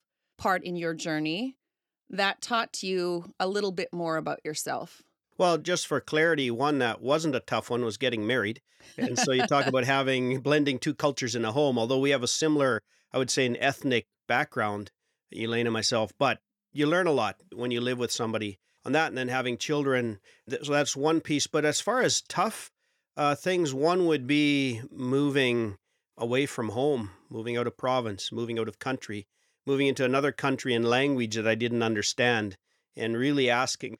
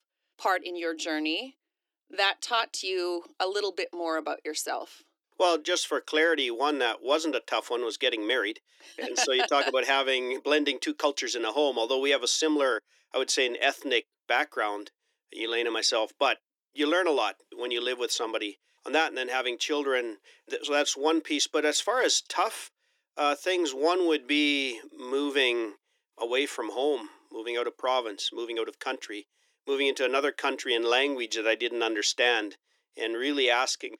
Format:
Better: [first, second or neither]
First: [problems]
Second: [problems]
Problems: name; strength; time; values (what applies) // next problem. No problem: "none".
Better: first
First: none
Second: thin; very slightly; fading below 300 Hz